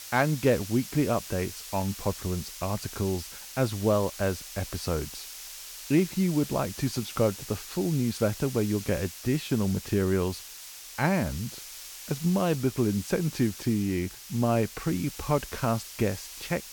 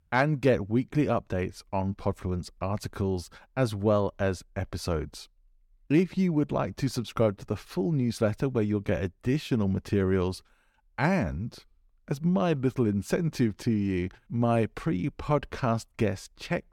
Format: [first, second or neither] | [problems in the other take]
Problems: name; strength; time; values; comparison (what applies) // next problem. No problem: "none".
second | hiss; noticeable; throughout; 10 dB below the speech